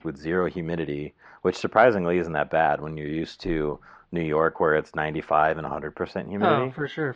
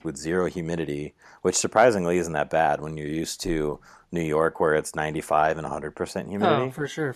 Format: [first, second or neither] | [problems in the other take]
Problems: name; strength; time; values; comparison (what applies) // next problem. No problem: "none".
second | muffled; slightly; fading above 4 kHz